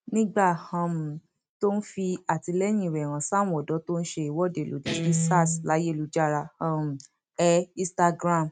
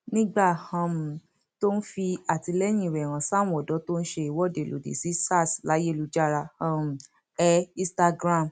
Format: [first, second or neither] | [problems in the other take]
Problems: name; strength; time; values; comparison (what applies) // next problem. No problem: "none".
second | noise reduction (neural mask model RNNoise)